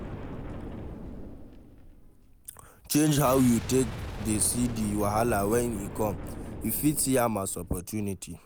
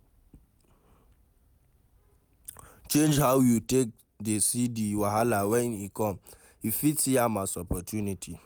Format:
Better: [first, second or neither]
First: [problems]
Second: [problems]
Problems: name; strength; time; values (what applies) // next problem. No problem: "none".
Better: second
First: background sound (Boom); 10 dB below the speech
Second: none